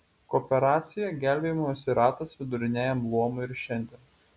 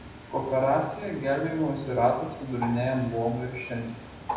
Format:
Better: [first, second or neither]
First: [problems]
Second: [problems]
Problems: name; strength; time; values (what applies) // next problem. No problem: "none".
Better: first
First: none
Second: background sound (Bird); 12 dB below the speech // room echo; dies away in 0.8 s